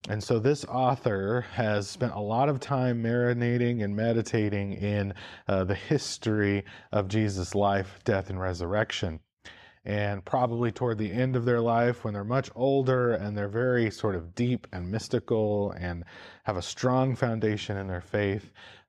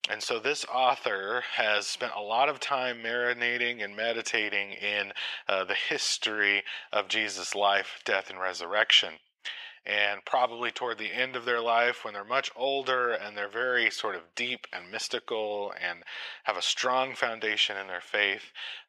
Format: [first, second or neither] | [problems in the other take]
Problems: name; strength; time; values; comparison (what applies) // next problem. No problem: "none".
first | thin; very; fading below 800 Hz